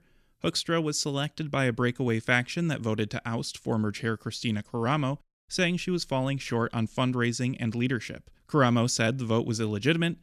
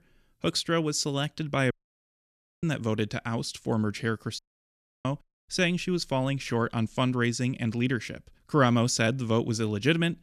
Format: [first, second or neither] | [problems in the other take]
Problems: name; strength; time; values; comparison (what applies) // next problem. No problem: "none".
first | audio cutting out; at 1.5 s for 1 s and at 4.5 s for 0.5 s